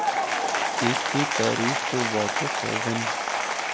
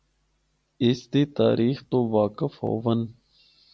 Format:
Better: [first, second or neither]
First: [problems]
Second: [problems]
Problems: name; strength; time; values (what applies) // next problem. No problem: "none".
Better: second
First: background sound (Applause / Crowd); 4 dB above the speech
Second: none